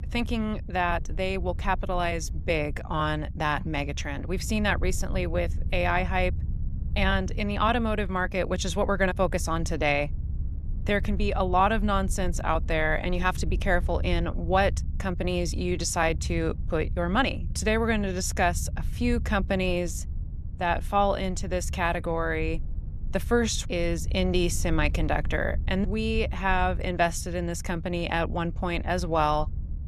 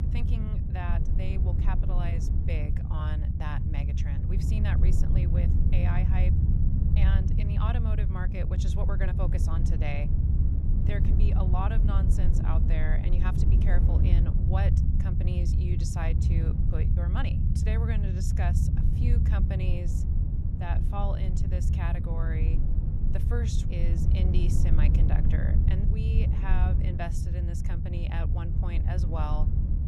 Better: first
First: low rumble; faint; throughout; 25 dB below the speech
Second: low rumble; loud; throughout; 1 dB below the speech

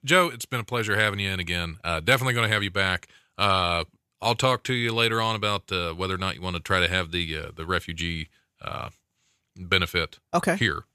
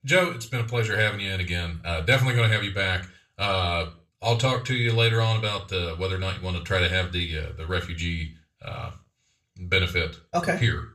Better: first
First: none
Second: room echo; very slight; dies away in 0.3 s // off-mic speech; far

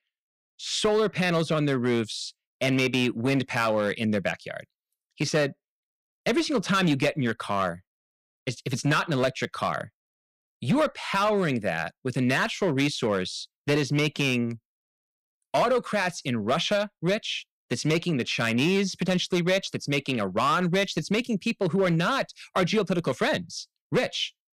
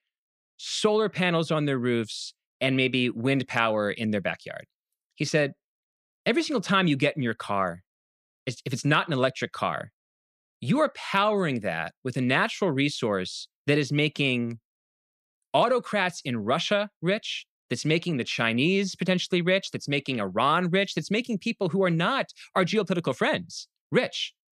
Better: second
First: distortion; slight; 5% of the sound clipped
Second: none

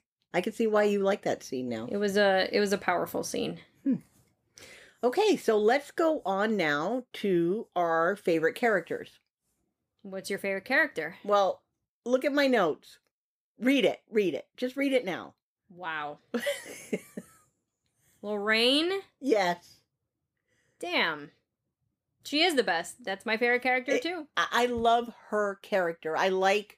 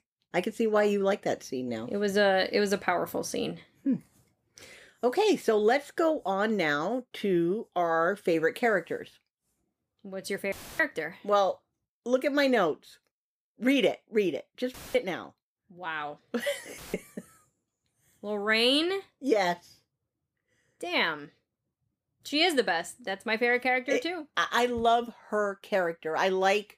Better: first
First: none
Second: audio cutting out; filled with static; at 11 s, at 15 s and at 17 s

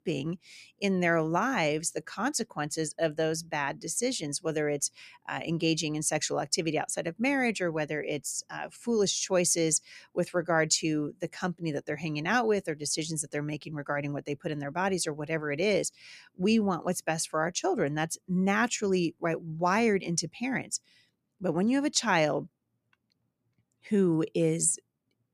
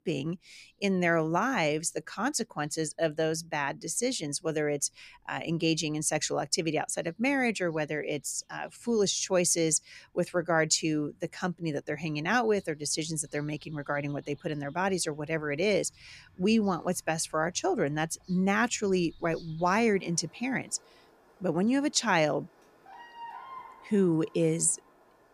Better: first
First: none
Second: animal sounds; faint; throughout; 25 dB below the speech

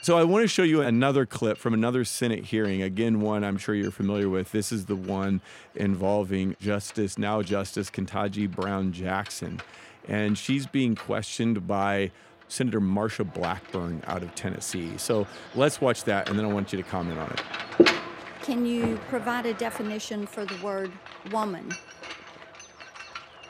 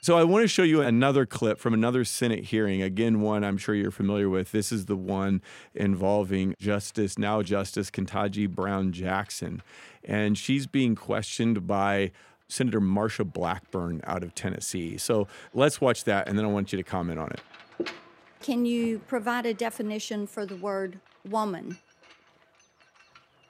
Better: second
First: machinery noise; loud; throughout; 6 dB below the speech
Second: machinery noise; faint; throughout; 20 dB below the speech

